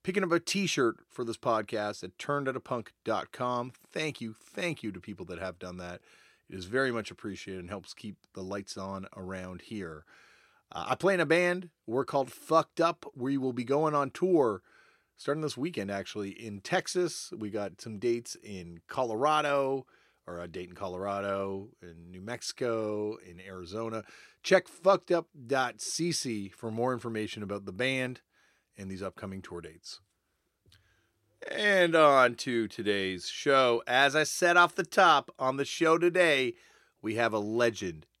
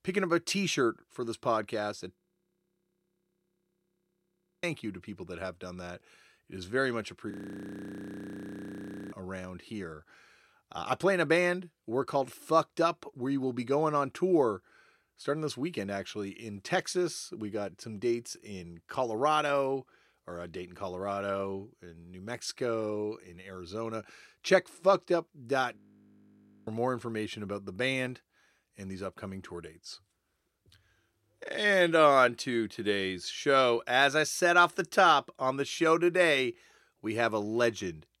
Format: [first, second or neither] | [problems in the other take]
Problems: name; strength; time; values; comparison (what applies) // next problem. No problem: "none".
first | audio freezing; at 2 s for 2.5 s, at 7.5 s for 2 s and at 26 s for 1 s